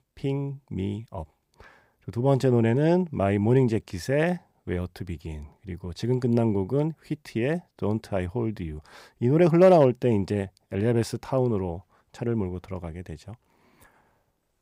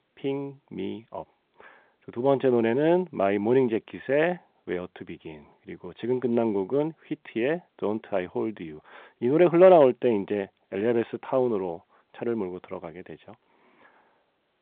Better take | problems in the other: first | phone-call audio

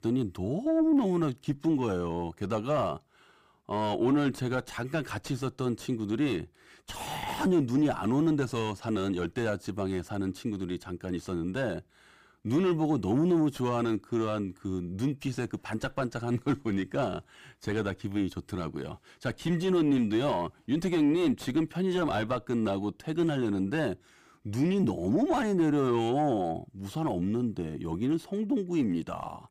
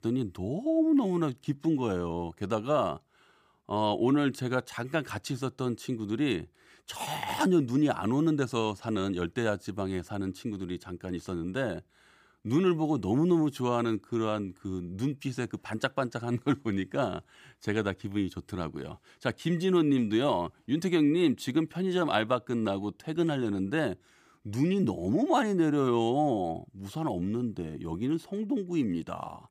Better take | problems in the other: second | distortion; slight; 10 dB below the speech

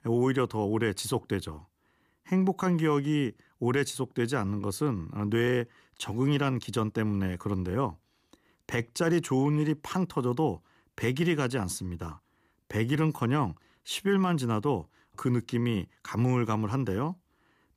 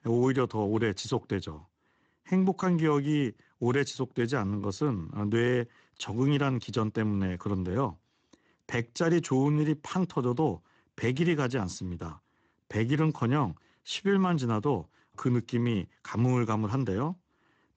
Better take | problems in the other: first | garbled, watery; slightly; nothing above 7.5 kHz

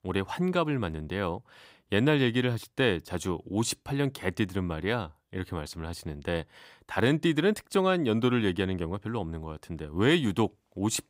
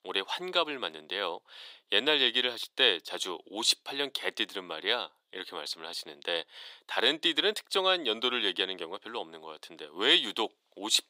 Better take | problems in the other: first | thin; very; fading below 400 Hz

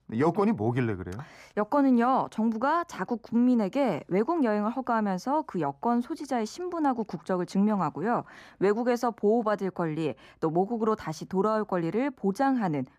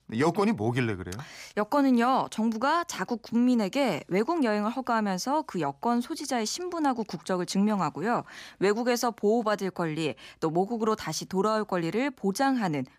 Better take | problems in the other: second | muffled; slightly; fading above 2 kHz

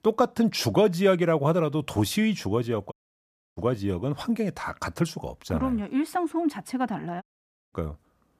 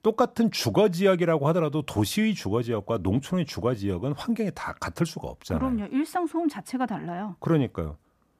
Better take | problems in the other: second | audio cutting out; at 3 s for 0.5 s and at 7 s for 0.5 s

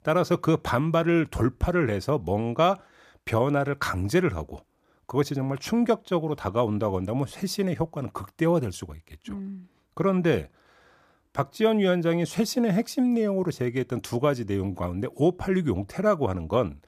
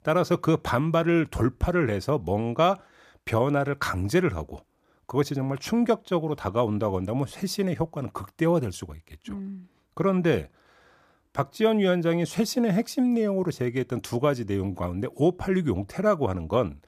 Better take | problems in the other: neither | none

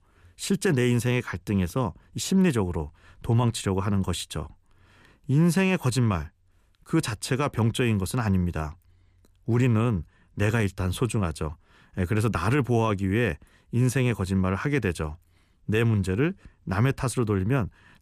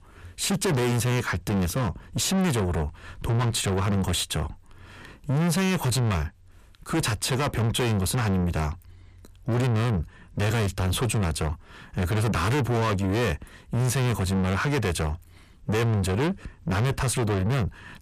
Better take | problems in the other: first | distortion; heavy; 6 dB below the speech

